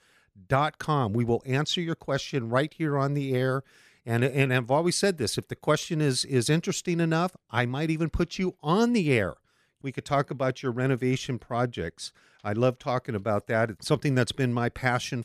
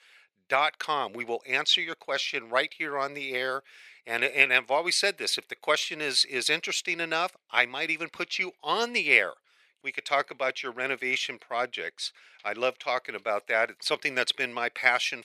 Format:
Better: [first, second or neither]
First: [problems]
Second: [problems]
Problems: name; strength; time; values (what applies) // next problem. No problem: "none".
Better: first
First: none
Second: thin; very; fading below 600 Hz